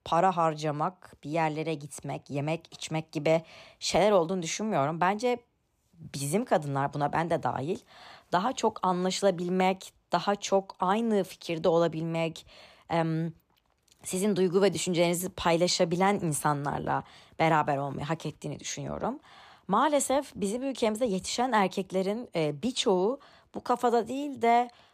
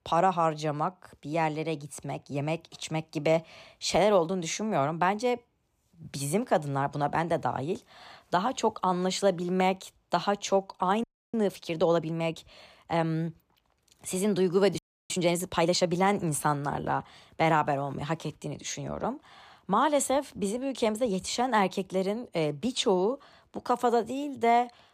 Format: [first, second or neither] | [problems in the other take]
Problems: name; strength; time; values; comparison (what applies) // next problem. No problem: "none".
first | audio freezing; at 11 s and at 15 s